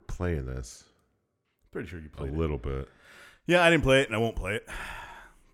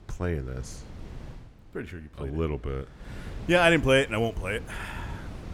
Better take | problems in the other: first | wind noise on the microphone; occasional gusts; 25 dB below the speech

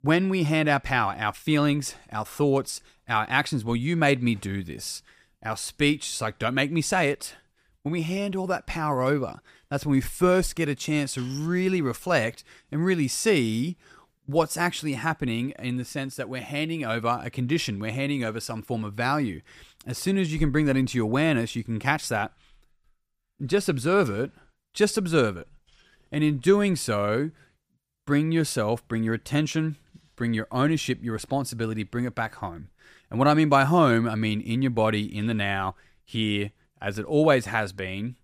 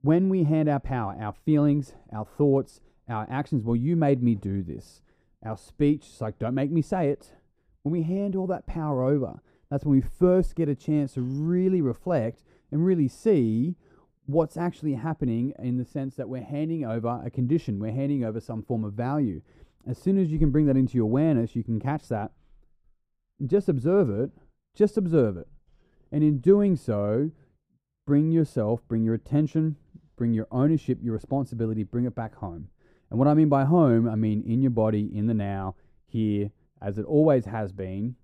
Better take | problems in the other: first | muffled; very; fading above 1 kHz

